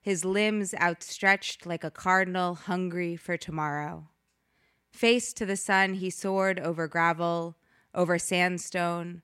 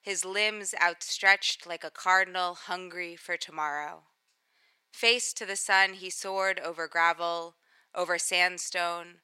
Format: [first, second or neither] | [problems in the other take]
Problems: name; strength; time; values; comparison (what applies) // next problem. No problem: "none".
first | thin; very; fading below 650 Hz